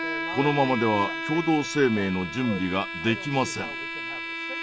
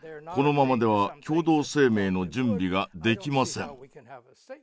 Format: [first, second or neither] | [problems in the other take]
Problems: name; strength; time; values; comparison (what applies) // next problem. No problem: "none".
second | background sound (Bowed string instrument); 6 dB below the speech